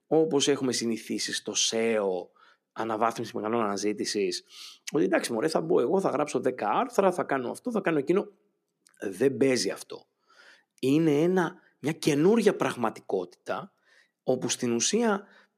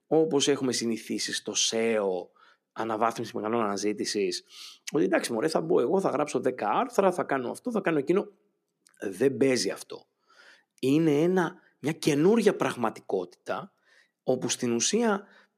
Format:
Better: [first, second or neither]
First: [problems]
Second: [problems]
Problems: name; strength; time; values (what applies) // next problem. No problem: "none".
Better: neither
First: none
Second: none